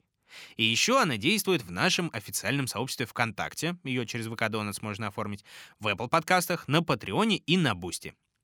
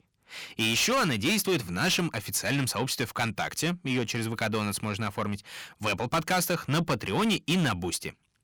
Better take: first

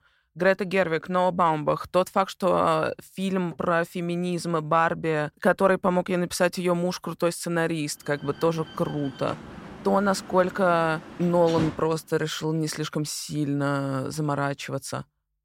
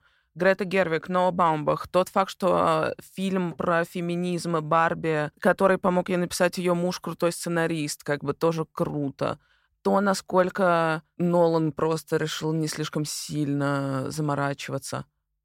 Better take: second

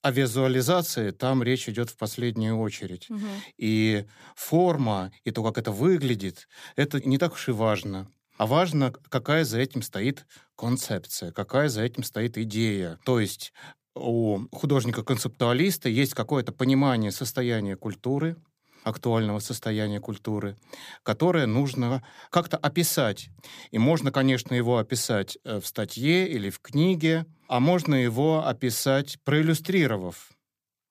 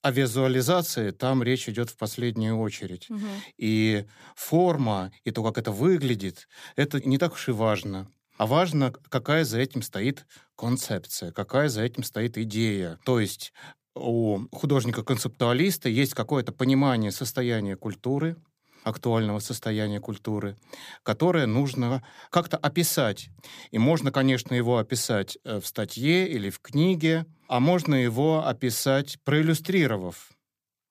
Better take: neither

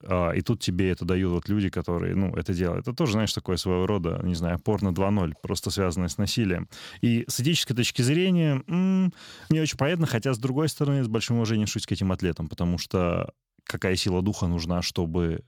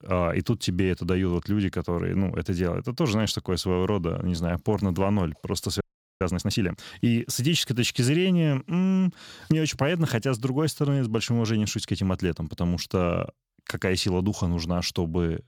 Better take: first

